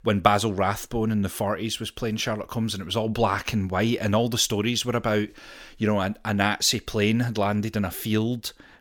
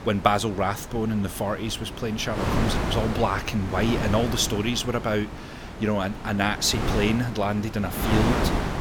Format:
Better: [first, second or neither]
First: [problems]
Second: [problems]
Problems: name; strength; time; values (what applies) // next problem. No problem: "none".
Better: first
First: none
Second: wind noise on the microphone; heavy; 6 dB below the speech